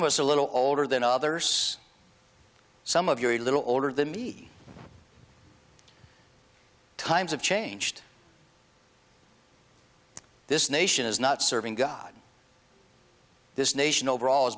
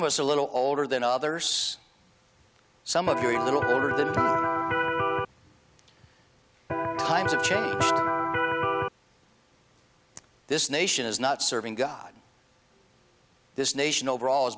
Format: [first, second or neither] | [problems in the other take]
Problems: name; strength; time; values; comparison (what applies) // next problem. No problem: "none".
first | background sound (Electric guitar); 4 dB above the speech